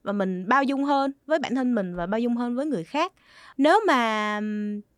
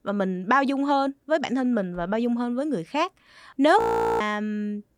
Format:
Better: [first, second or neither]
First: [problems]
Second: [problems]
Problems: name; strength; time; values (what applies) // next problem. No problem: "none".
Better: first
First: none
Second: audio freezing; at 4 s